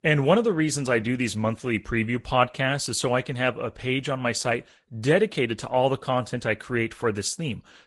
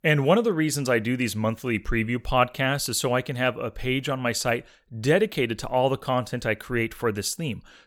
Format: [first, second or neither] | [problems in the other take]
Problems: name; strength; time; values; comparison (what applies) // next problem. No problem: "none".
second | garbled, watery; slightly; nothing above 11 kHz